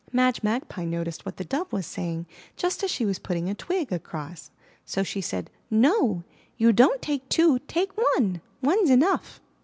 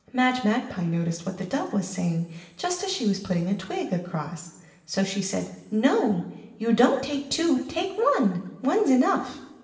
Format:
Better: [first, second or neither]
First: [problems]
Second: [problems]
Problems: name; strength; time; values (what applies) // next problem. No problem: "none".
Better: first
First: none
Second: room echo; dies away in 1.1 s